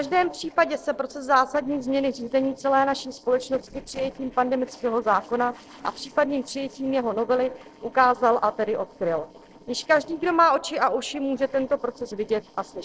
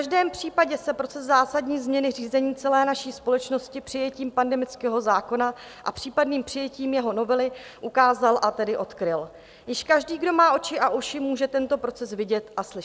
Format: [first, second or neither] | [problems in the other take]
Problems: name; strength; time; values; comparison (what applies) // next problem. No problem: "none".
second | noise reduction (neural separator model SepFormer DNS4)